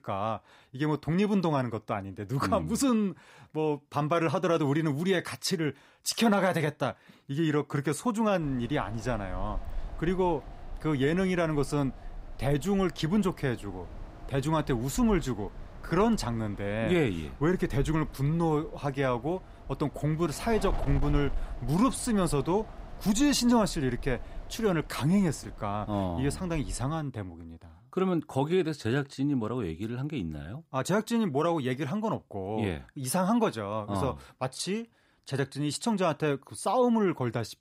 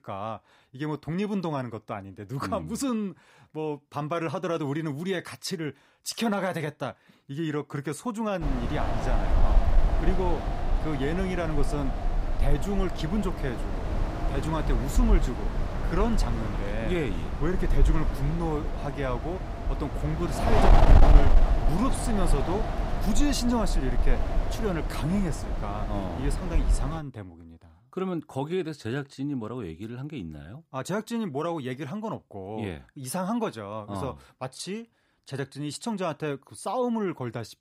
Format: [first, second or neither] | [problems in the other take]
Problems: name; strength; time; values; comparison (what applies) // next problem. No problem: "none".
first | wind noise on the microphone; heavy; from 8.5 to 27 s; 1 dB below the speech; occasional gusts in the first